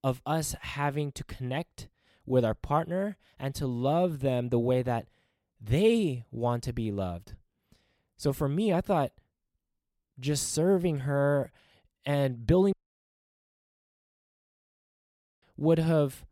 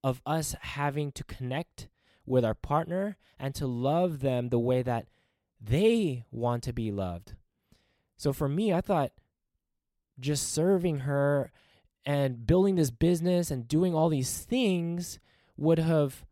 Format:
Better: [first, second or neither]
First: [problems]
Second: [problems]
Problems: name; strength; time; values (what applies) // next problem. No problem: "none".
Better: second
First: audio cutting out; at 13 s for 2.5 s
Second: none